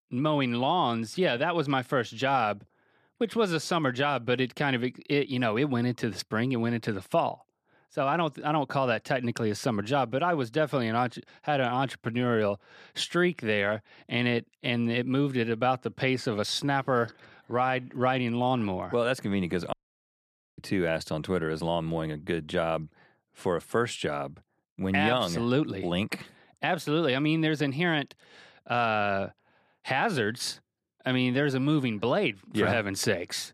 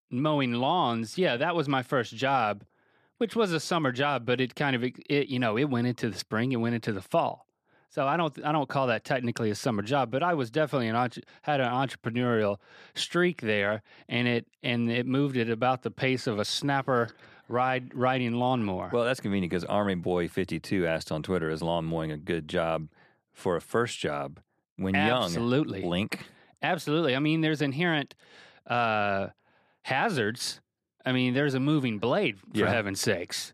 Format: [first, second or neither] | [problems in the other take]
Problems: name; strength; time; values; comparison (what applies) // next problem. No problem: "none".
second | audio cutting out; at 20 s for 1 s